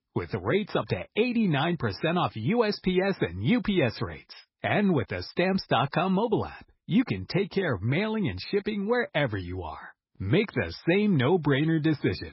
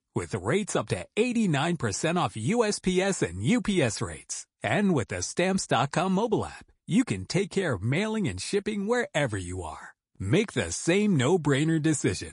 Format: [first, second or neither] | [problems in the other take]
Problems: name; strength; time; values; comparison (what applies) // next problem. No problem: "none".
second | garbled, watery; badly; nothing above 5.5 kHz; slightly in the second